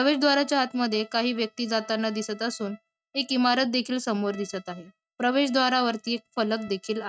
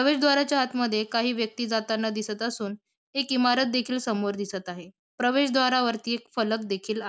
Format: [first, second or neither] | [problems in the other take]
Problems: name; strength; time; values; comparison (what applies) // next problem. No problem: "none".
second | noise reduction (neural mask model RNNoise)